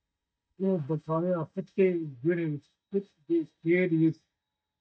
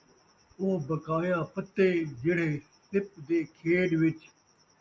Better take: second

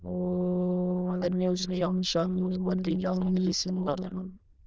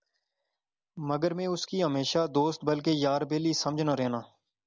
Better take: second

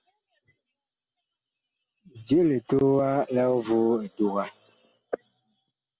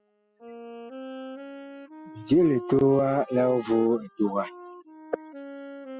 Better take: first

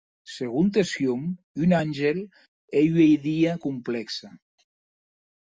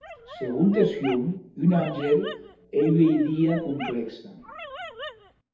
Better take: first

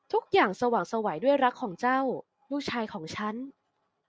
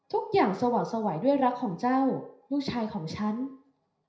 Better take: first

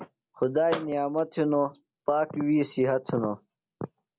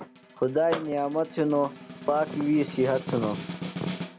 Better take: first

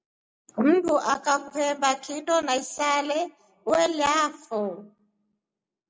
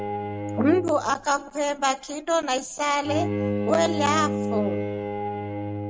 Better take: first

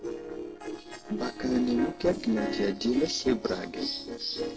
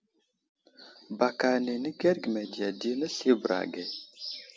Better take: second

